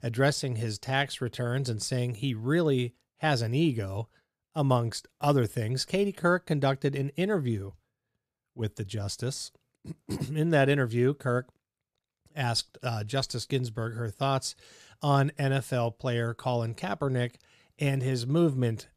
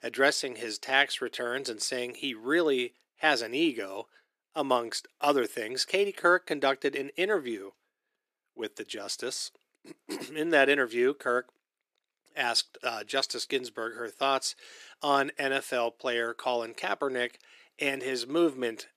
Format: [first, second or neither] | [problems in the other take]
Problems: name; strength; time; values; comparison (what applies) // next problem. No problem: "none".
first | thin; somewhat; fading below 300 Hz